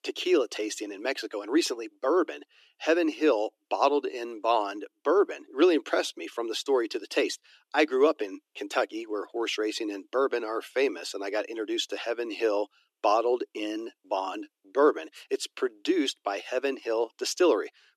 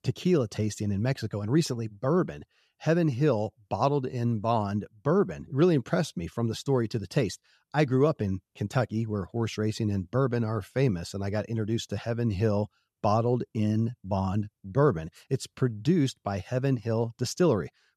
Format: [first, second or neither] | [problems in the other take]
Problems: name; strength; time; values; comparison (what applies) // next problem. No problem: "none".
second | thin; very; fading below 300 Hz